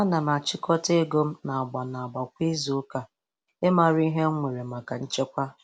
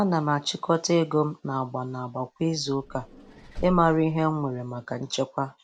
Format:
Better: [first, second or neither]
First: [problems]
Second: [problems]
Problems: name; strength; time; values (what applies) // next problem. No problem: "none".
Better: first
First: none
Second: background sound (Vehicle); 16 dB below the speech